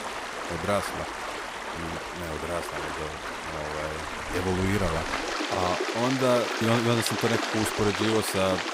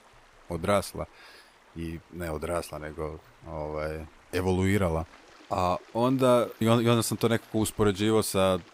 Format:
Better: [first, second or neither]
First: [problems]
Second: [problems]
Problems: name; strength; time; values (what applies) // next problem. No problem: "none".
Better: second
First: rain or running water; loud; throughout; 2 dB below the speech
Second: rain or running water; faint; throughout; 25 dB below the speech